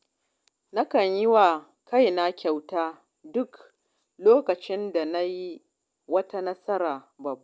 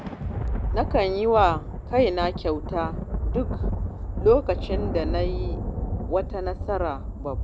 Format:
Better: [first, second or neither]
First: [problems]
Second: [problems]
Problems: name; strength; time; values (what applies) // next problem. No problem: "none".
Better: first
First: none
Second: background sound (Thunder); 2 dB below the speech